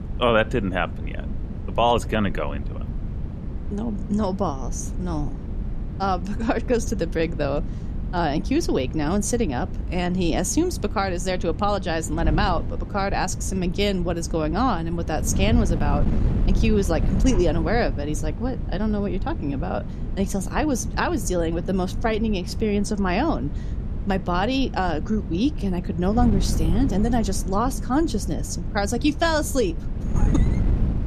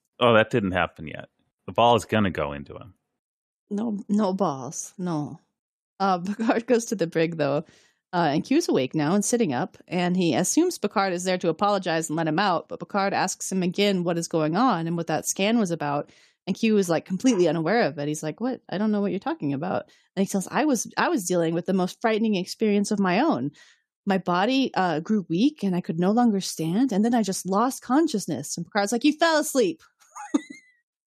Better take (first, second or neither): second